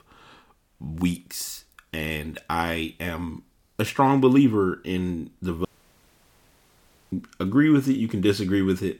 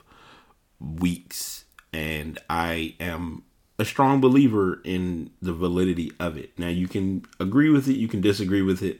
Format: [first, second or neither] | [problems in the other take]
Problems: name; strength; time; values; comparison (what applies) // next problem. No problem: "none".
second | audio cutting out; at 5.5 s for 1.5 s